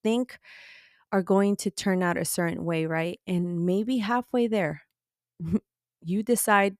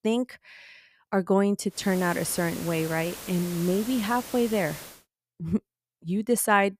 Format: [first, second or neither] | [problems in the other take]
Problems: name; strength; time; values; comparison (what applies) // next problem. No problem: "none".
first | hiss; noticeable; from 2 to 5 s; 10 dB below the speech